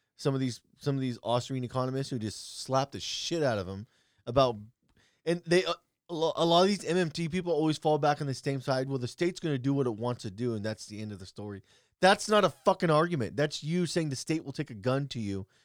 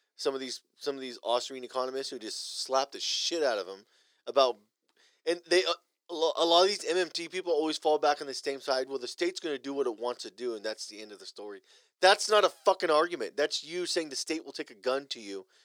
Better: first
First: none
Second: thin; very; fading below 350 Hz

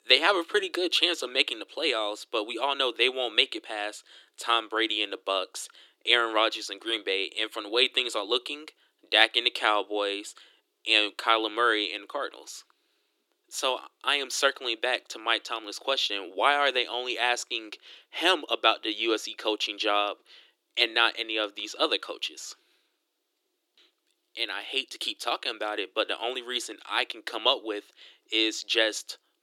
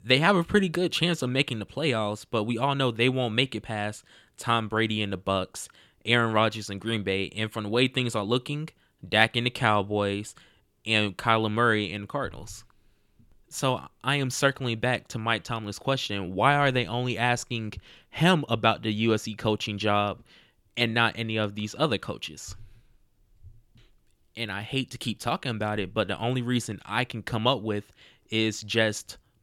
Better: second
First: thin; very; fading below 300 Hz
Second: none

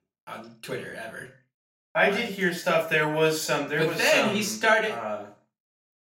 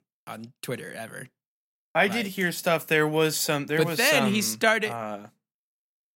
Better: second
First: room echo; slight; dies away in 0.4 s // off-mic speech; far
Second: none

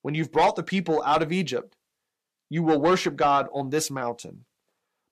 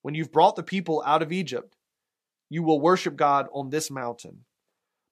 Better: second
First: distortion; slight; 10 dB below the speech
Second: none

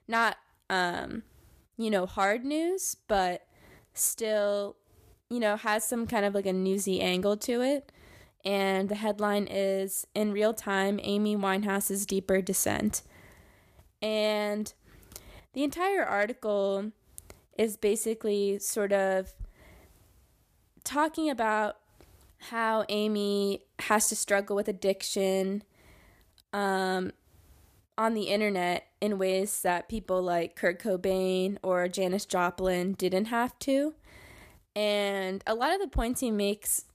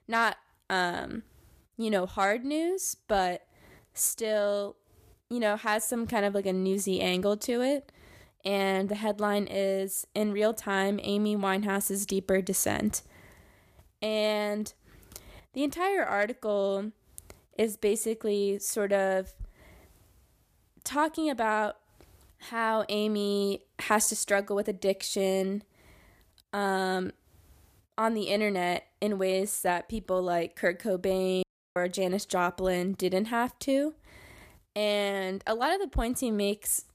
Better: first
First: none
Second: audio cutting out; at 31 s

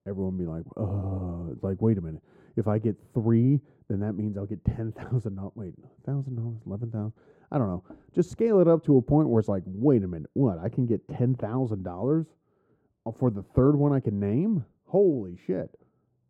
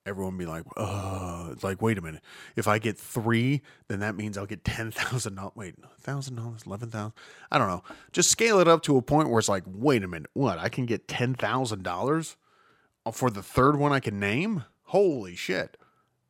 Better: second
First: muffled; very; fading above 1 kHz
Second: none

